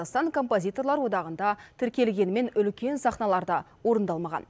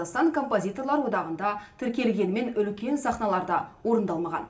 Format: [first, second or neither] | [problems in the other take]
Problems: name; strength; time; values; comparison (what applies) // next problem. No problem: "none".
first | room echo; dies away in 0.4 s